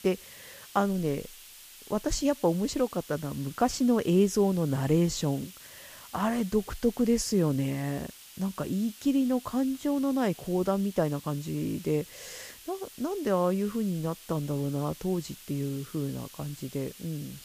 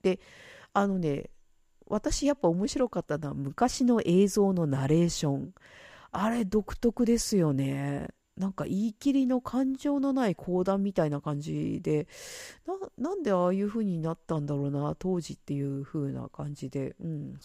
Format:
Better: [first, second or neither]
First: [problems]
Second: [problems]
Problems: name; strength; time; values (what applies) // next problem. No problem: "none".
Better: second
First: hiss; noticeable; throughout; 15 dB below the speech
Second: none